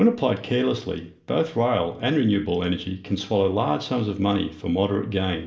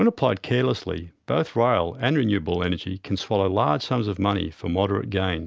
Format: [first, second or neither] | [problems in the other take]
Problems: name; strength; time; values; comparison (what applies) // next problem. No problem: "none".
second | room echo; dies away in 0.5 s